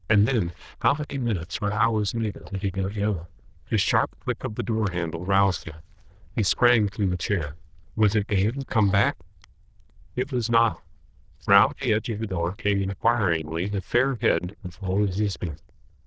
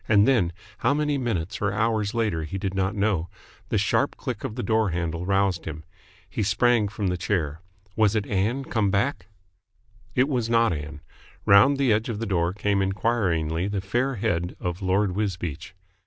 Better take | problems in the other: second | noise reduction (neural diffusion model UNIVERSE++)

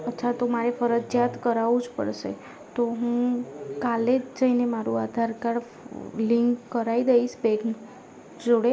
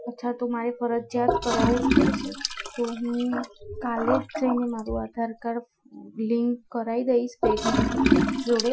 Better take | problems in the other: first | noise reduction (classical method Wiener filter)

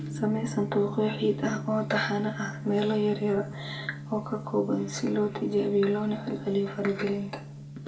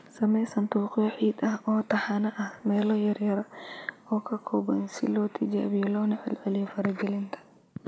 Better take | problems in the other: second | background sound (Gong); 10 dB below the speech // room echo; dies away in 0.2 s

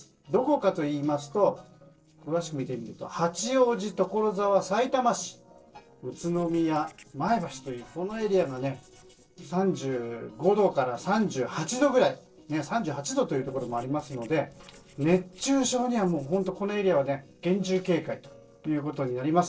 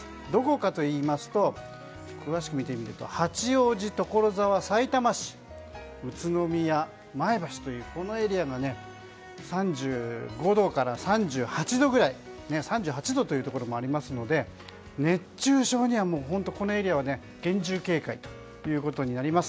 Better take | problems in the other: second | noise reduction (neural separator model SepFormer DNS4)

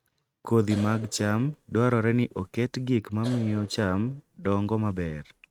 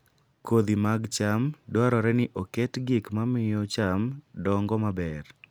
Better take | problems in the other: second | noise reduction (neural mask model RNNoise)

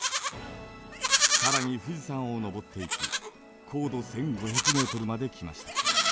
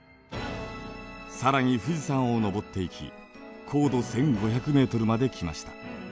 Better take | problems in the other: second | background sound (Livestock, farm animals, working animals); 3 dB above the speech

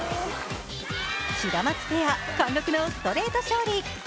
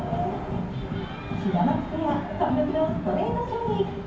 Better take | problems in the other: first | background sound (Engine / Aircraft); 13 dB below the speech // room echo; dies away in 0.9 s

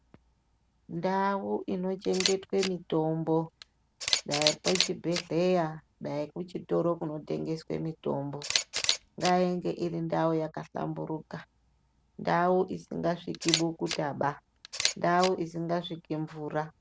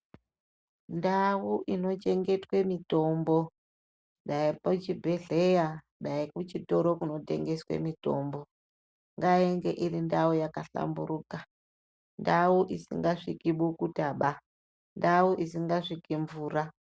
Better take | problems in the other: second | background sound (Camera); 7 dB below the speech

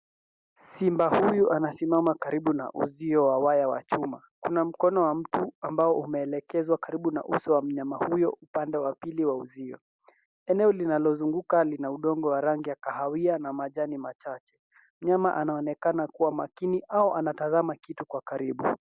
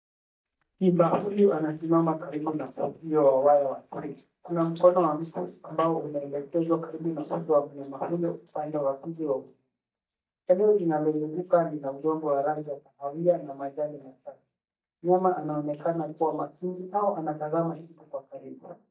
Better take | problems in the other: first | noise reduction (neural mask model DeepFilterNet 3)

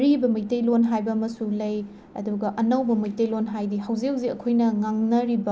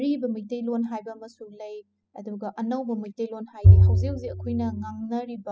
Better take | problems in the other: first | noise reduction (classical method spectral subtraction)

